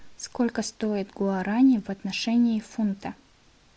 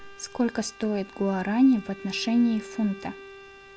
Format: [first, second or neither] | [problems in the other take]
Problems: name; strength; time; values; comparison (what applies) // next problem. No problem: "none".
first | background sound (Bowed string instrument); 18 dB below the speech